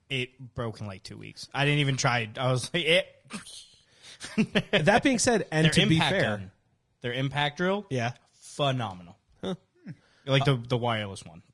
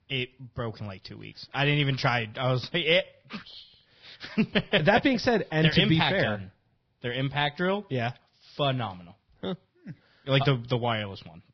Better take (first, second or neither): first